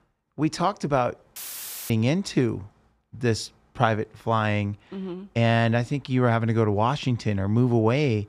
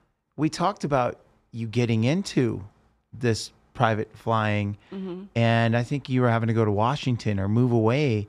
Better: second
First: audio cutting out; filled with static; at 1.5 s for 0.5 s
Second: none

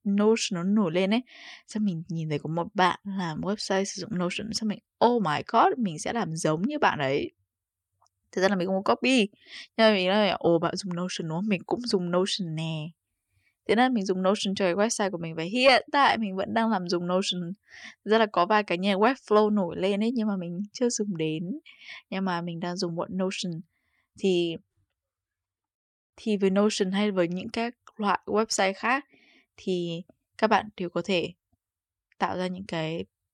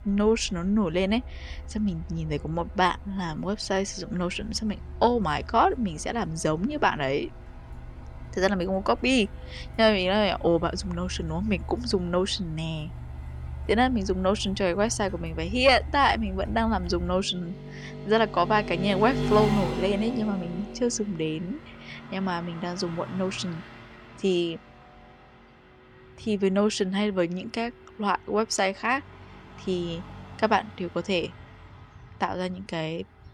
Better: first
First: none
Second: traffic noise; noticeable; throughout; 10 dB below the speech

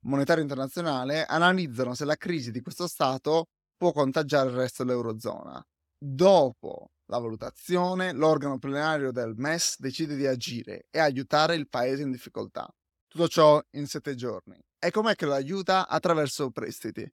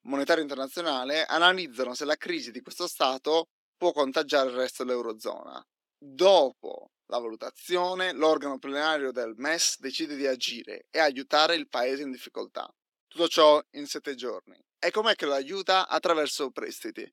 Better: first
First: none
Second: thin; very slightly; fading below 300 Hz

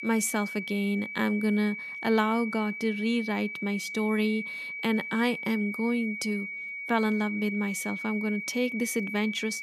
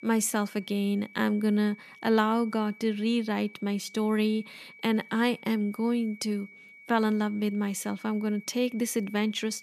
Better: second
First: high-pitched whine; loud; throughout; 2.5 kHz, 6 dB below the speech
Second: high-pitched whine; faint; throughout; 2.5 kHz, 20 dB below the speech

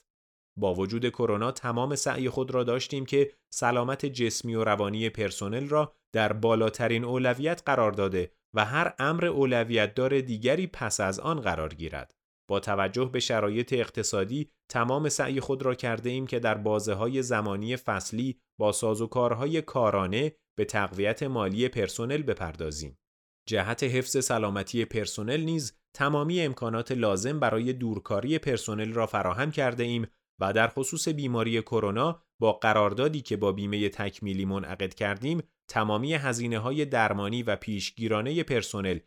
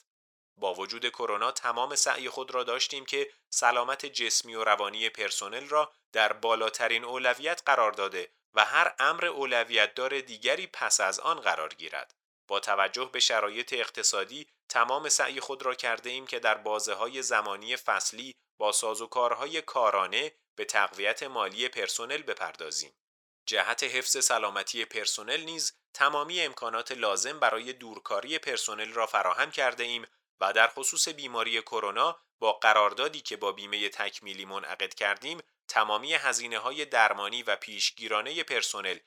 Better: first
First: none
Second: thin; very; fading below 850 Hz

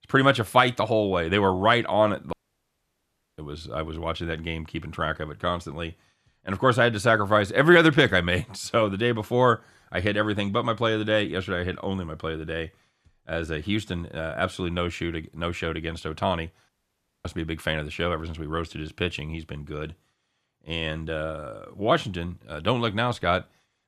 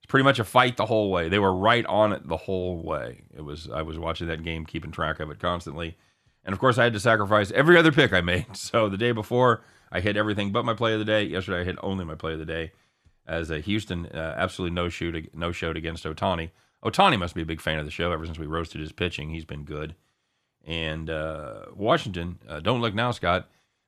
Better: second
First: audio cutting out; at 2.5 s for 1 s and at 17 s for 0.5 s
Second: none

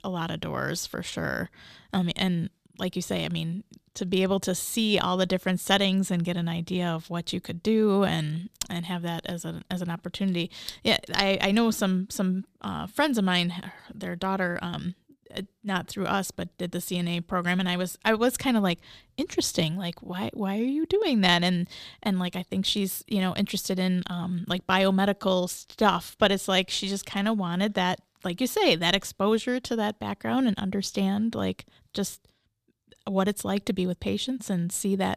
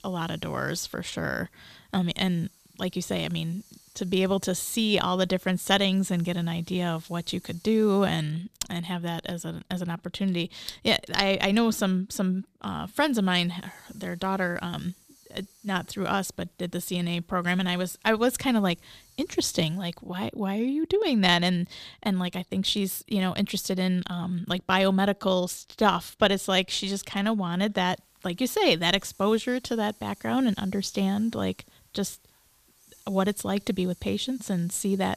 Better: first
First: none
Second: hiss; faint; until 8 s, from 13 to 20 s and from 28 s on; 30 dB below the speech

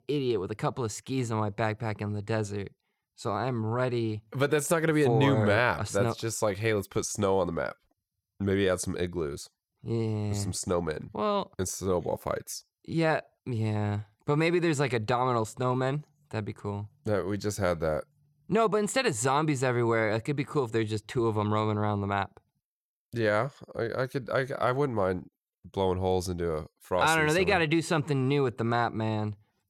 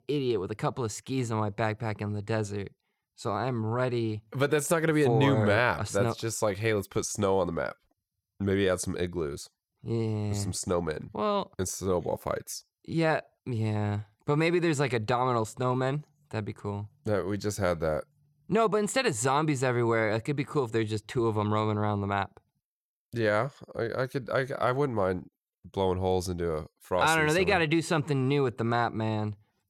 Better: neither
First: none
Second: none

